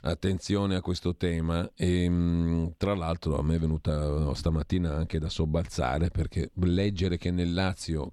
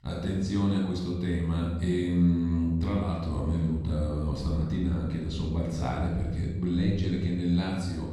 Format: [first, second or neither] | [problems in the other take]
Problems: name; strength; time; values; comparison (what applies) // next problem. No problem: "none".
first | off-mic speech; far // room echo; noticeable; dies away in 1 s